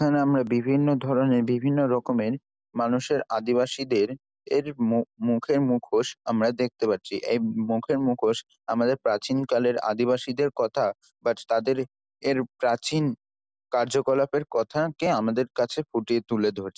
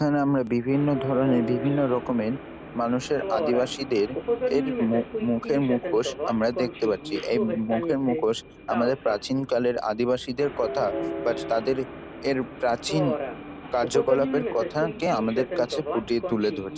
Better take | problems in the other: first | background sound (Subway, metro, underground); 6 dB below the speech

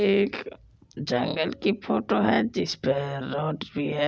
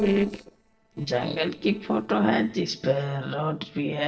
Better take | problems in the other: first | noise reduction (neural separator model SepFormer DNS4)

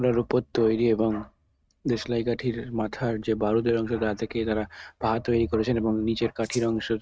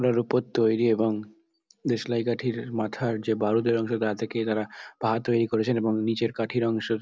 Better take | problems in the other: second | noise reduction (neural mask model RNNoise)

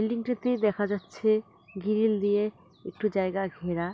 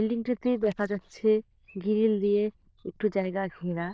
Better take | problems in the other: first | noise reduction (neural diffusion model UNIVERSE++)

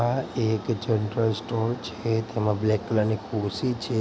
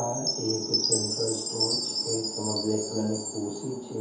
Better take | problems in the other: first | background sound (Chime); 1 dB above the speech // room echo; dies away in 0.6 s

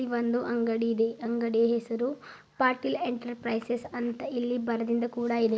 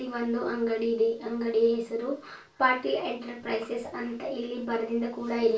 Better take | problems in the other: first | room echo; dies away in 0.2 s

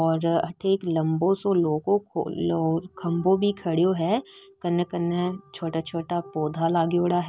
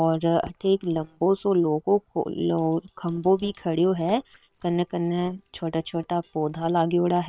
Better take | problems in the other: first | noise reduction (neural separator model SepFormer WHAM!)

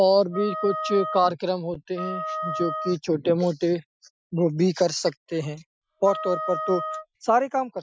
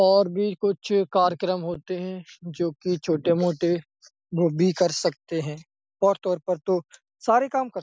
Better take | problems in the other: second | noise reduction (classical method Wiener filter)

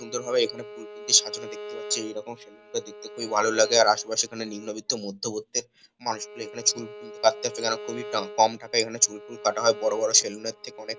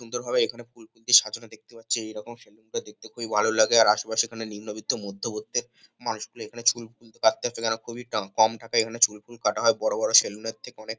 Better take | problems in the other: second | background sound (Bowed string instrument); 15 dB below the speech

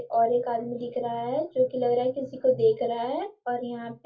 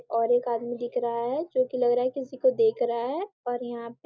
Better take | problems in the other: second | room echo; dies away in 0.2 s

